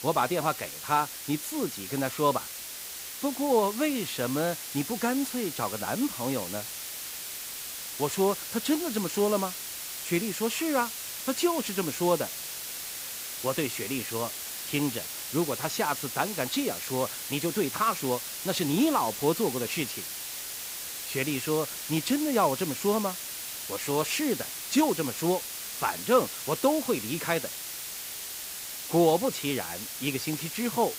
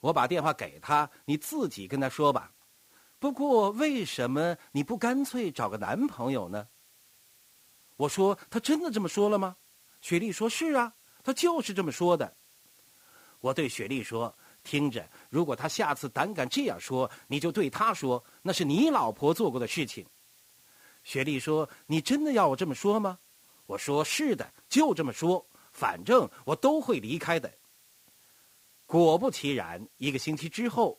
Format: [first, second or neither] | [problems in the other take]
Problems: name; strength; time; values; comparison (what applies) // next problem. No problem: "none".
second | hiss; loud; throughout; 5 dB below the speech; faint in the second